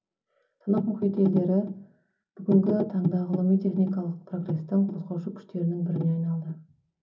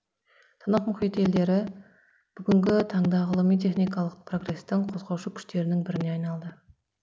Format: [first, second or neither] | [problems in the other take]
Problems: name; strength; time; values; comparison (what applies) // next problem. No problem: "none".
second | room echo; dies away in 0.4 s